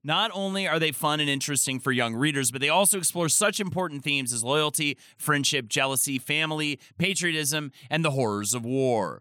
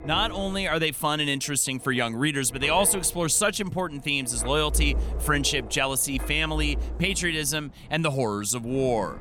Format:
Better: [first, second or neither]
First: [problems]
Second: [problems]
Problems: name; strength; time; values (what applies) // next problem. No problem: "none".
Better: first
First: none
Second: wind noise on the microphone; occasional gusts; 20 dB below the speech